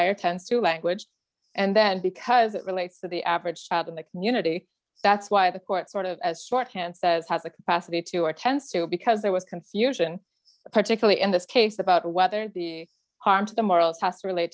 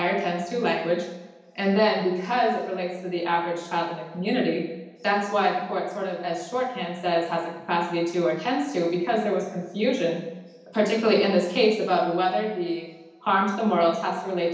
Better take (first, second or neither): first